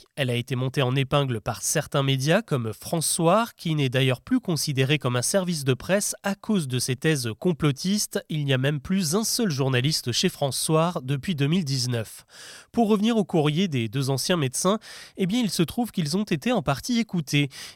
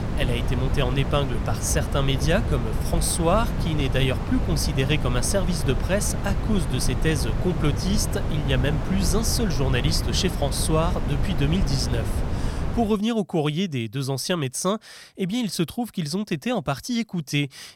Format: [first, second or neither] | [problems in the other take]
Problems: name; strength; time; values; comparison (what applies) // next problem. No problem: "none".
first | wind noise on the microphone; heavy; until 13 s; 7 dB below the speech